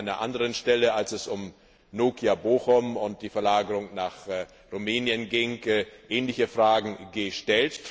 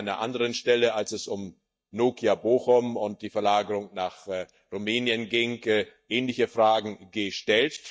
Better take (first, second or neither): first